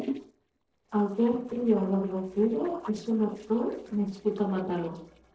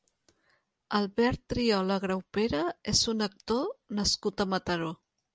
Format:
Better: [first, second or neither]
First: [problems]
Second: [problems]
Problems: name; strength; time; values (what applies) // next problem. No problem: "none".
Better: second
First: noise reduction (neural separator model SepFormer DNS4)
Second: none